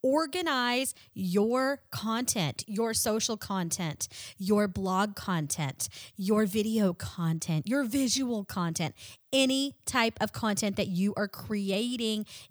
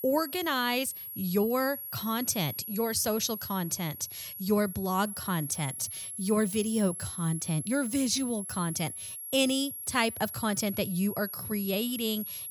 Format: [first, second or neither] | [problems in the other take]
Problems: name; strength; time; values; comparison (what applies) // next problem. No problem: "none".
first | high-pitched whine; loud; throughout; 11.5 kHz, 7 dB below the speech